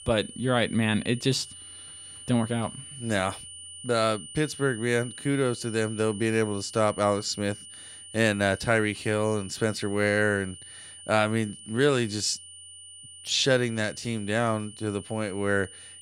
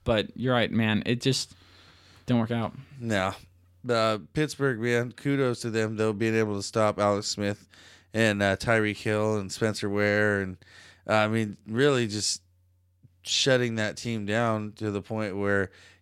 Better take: second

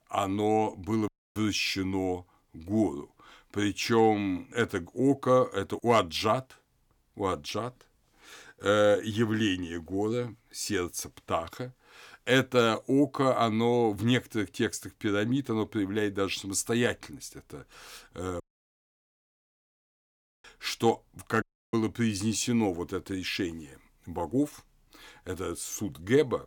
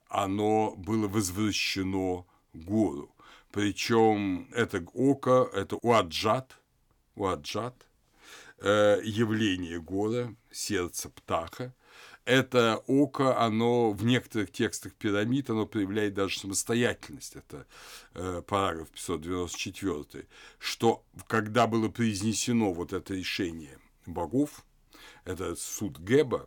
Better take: second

